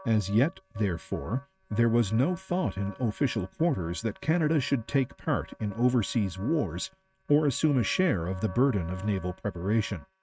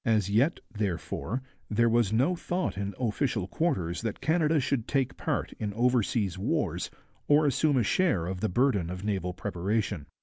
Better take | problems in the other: second | noise reduction (neural mask model RNNoise)

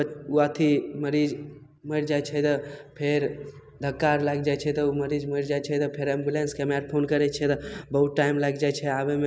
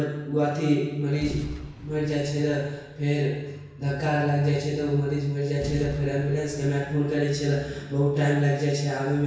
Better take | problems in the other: first | background sound (Boom); 17 dB below the speech // room echo; dies away in 1.1 s

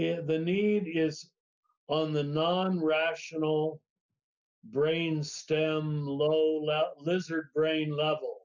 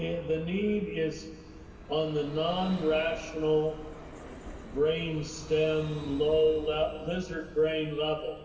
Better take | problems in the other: first | background sound (Vehicle); 15 dB below the speech // room echo; dies away in 3 s

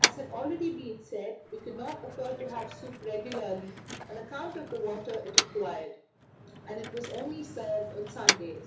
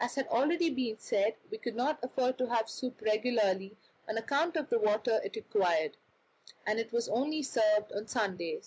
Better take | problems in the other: second | background sound (Motor vehicle (road)); 2 dB above the speech // room echo; dies away in 0.8 s

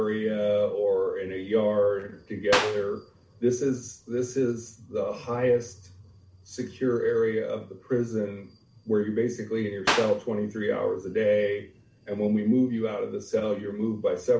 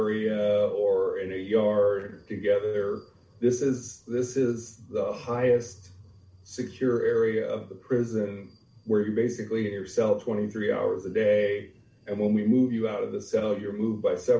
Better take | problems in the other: second | background sound (Clapping); 1 dB below the speech

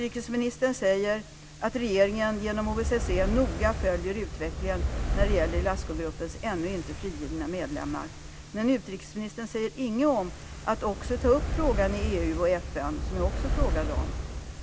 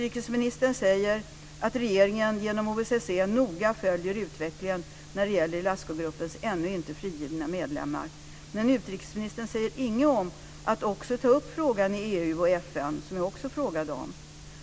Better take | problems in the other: second | background sound (Fire); 3 dB below the speech

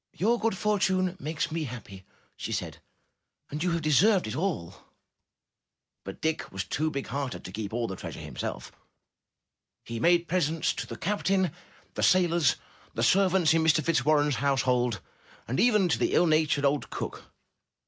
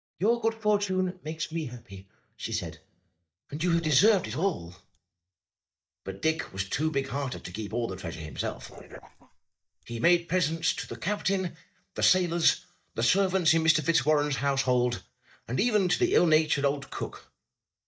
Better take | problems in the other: first | noise reduction (neural mask model DeepFilterNet 3)

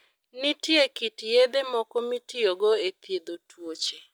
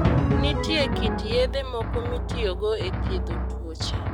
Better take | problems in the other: first | background sound (Drum); 4 dB above the speech

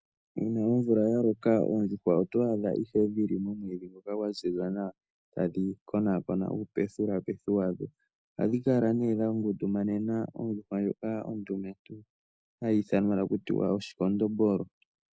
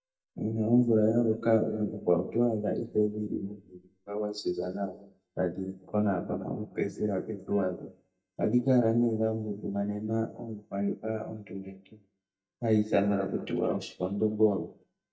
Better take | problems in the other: first | noise reduction (neural mask model DeepFilterNet 3)

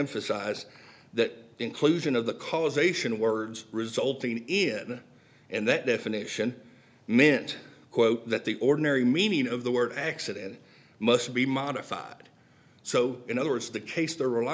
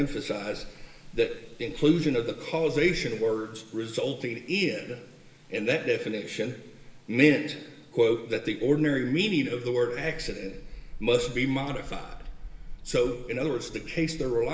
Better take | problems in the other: first | background sound (Rain); 15 dB below the speech // room echo; dies away in 1.1 s

